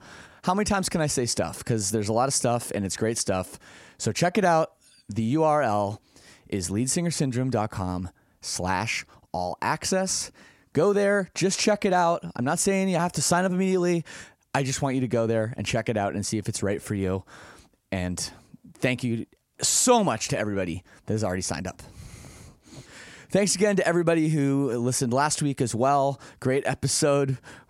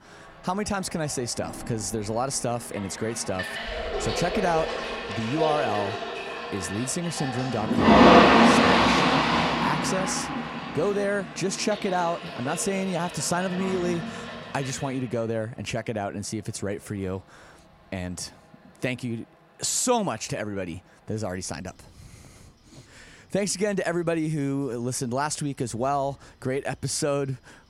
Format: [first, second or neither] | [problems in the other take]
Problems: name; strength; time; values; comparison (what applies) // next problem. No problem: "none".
first | household noises; very loud; throughout; 5 dB above the speech